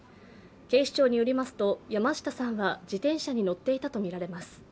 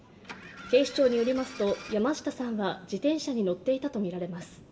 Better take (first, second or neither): first